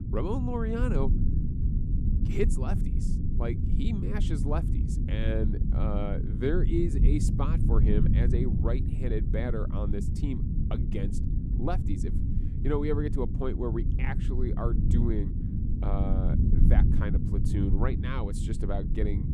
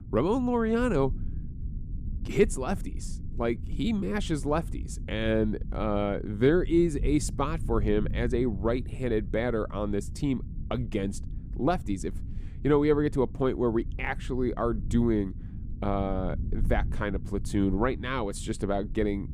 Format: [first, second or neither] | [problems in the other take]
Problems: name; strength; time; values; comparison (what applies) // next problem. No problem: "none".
second | low rumble; loud; throughout; 5 dB below the speech; faint in the second